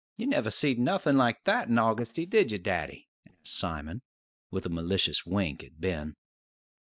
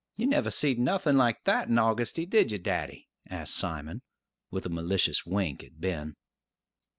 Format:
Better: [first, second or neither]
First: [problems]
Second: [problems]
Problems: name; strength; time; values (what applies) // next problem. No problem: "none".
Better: second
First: noise reduction (neural mask model DeepFilterNet 3)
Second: none